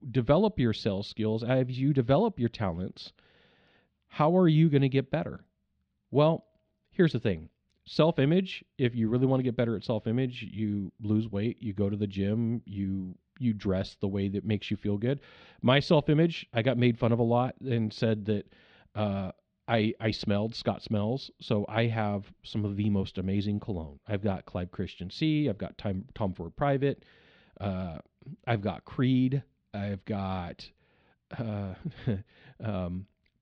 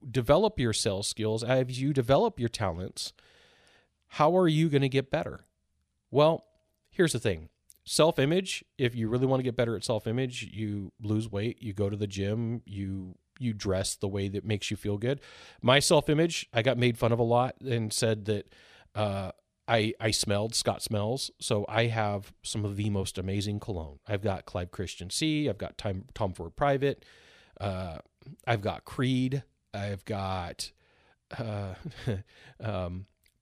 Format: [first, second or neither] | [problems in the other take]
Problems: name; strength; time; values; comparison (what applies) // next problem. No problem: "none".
second | muffled; slightly; fading above 4 kHz